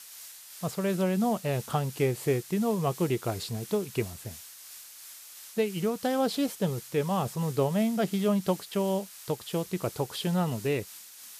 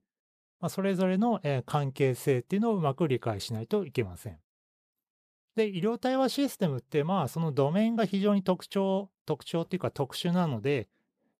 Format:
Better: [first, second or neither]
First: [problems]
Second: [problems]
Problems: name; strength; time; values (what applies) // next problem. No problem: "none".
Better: second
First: hiss; noticeable; throughout; 15 dB below the speech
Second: none